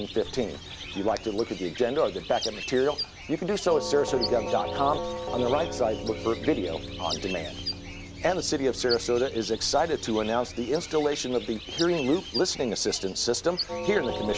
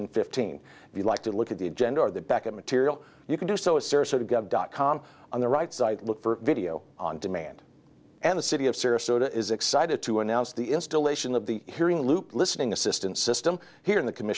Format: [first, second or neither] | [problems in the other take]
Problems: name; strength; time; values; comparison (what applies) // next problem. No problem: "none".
second | background sound (Doorbell + Bird); 8 dB below the speech